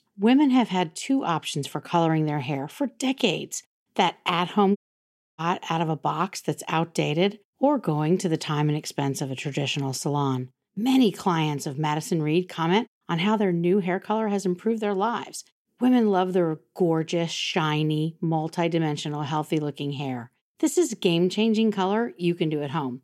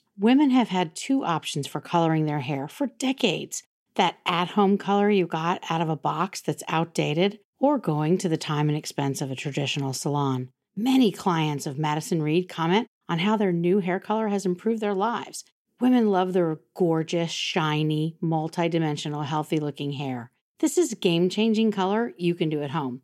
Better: second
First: audio cutting out; at 5 s for 0.5 s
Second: none

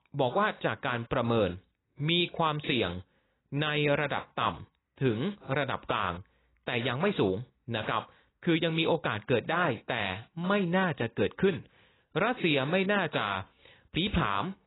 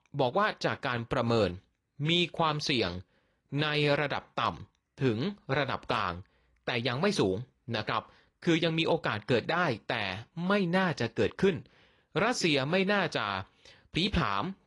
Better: second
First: garbled, watery; badly; nothing above 4 kHz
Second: garbled, watery; slightly; nothing above 10.5 kHz

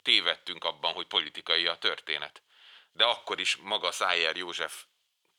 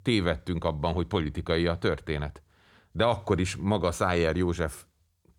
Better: second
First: thin; very; fading below 700 Hz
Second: none

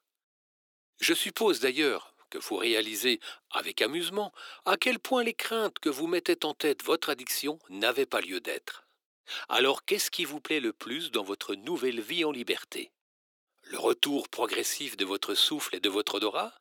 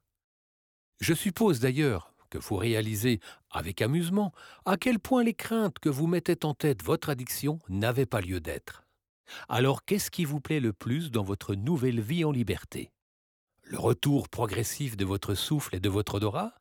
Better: second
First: thin; somewhat; fading below 350 Hz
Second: none

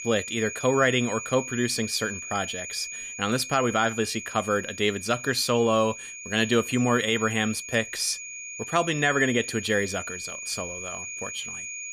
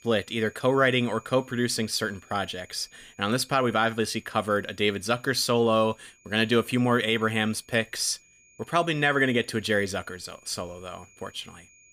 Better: second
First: high-pitched whine; loud; throughout; 2.5 kHz, 9 dB below the speech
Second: high-pitched whine; faint; throughout; 2.5 kHz, 30 dB below the speech

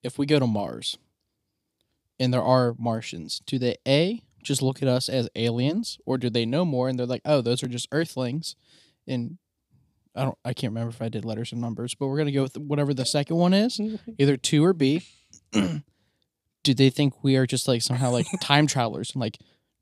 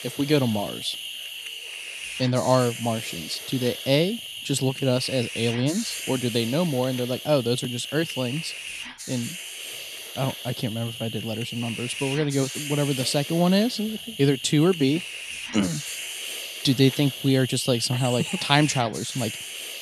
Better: first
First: none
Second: hiss; loud; throughout; 8 dB below the speech

